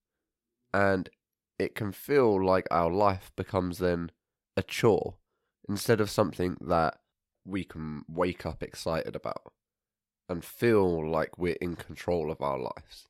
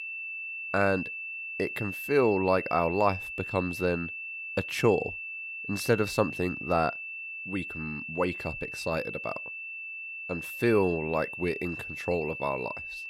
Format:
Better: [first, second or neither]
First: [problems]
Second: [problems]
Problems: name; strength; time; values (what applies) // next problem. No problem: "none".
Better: first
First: none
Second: high-pitched whine; loud; throughout; 2.5 kHz, 6 dB below the speech